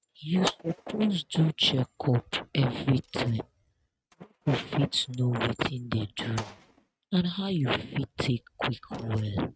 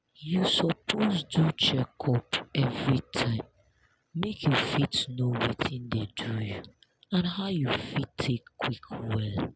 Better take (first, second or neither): second